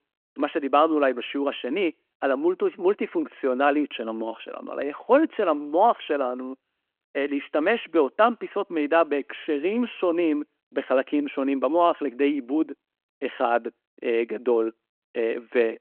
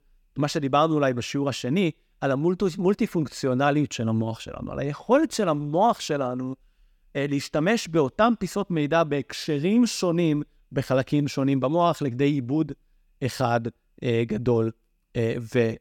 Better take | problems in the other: second | phone-call audio

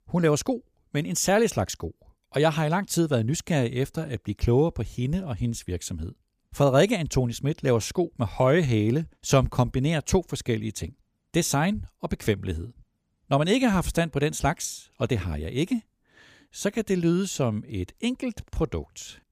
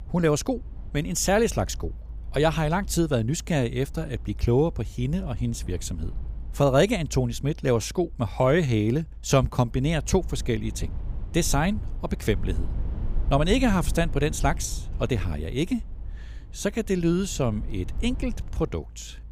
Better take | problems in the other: first | low rumble; faint; throughout; 25 dB below the speech

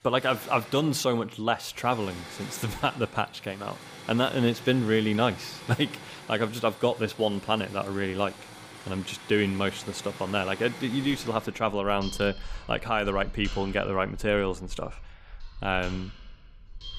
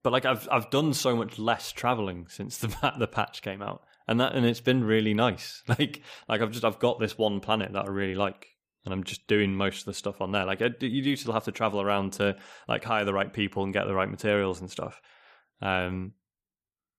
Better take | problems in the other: second | machinery noise; noticeable; throughout; 15 dB below the speech

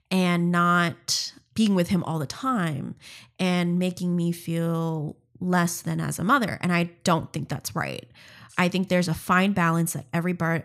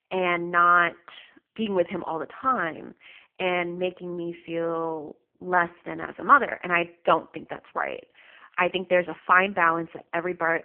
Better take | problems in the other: first | phone-call audio; poor line; nothing above 3 kHz

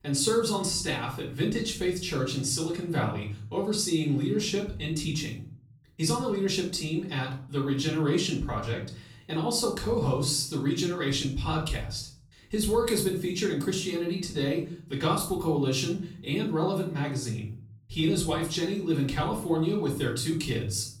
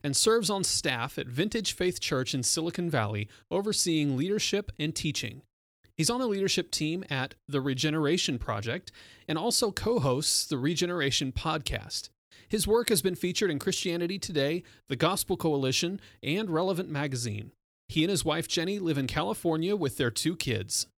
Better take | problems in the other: second | off-mic speech; far // room echo; slight; dies away in 0.5 s

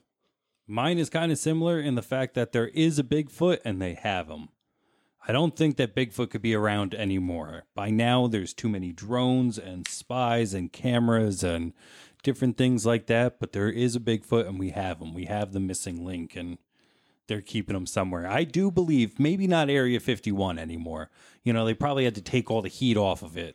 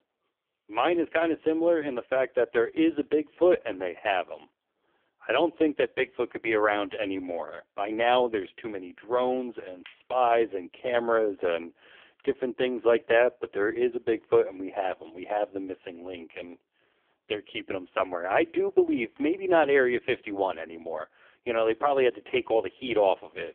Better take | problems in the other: first | phone-call audio; poor line; nothing above 3.5 kHz

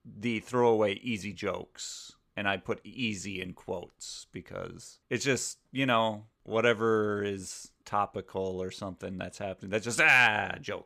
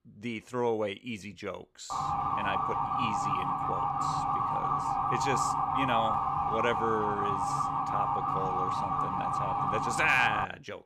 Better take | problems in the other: first | siren; loud; from 2 s on; peak 5 dB above the speech

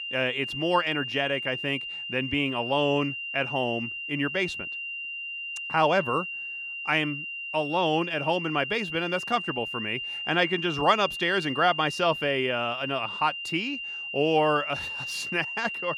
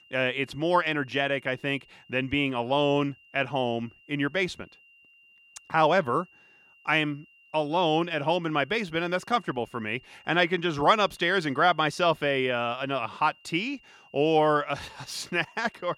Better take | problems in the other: second | high-pitched whine; loud; throughout; 3 kHz, 5 dB below the speech; faint in the second

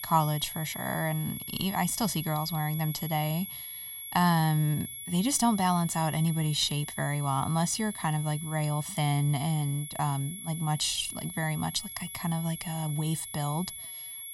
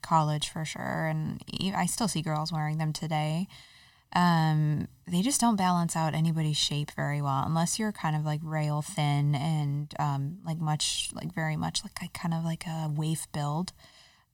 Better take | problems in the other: second | high-pitched whine; loud; throughout; 11 kHz, 9 dB below the speech

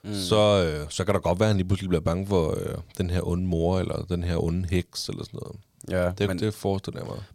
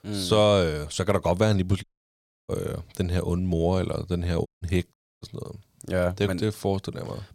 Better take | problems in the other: first | audio cutting out; at 2 s for 0.5 s, at 4.5 s and at 5 s

